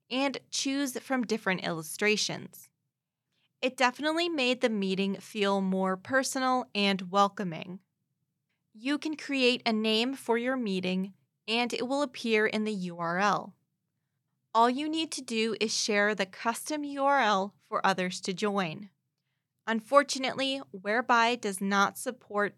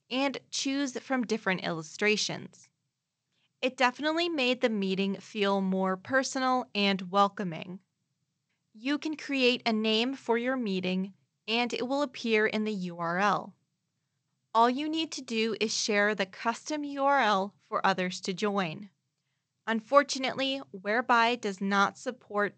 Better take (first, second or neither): first